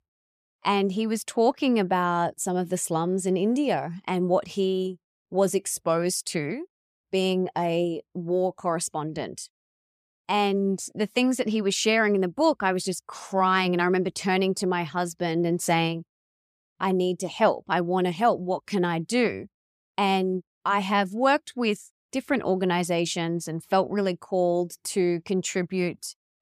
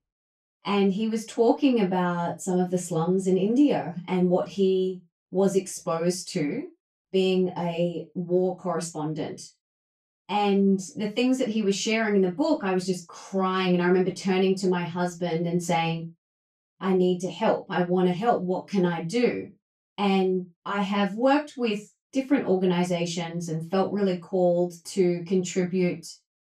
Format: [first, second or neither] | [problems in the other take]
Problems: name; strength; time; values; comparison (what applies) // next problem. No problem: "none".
first | room echo; very slight; dies away in 0.2 s // off-mic speech; far